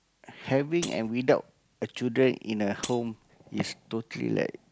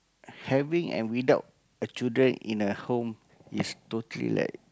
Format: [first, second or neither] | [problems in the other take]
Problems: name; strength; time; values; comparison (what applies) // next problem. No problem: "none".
second | background sound (Shatter); 17 dB below the speech